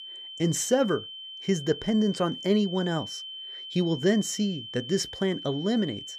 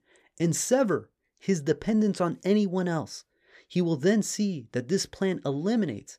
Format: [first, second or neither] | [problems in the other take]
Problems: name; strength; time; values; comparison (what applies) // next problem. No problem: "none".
second | high-pitched whine; noticeable; throughout; 3 kHz, 10 dB below the speech